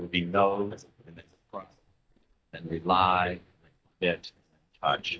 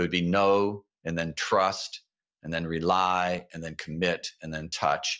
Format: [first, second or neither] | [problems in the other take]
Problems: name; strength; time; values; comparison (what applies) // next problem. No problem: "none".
second | noise reduction (neural mask model DeepFilterNet 3)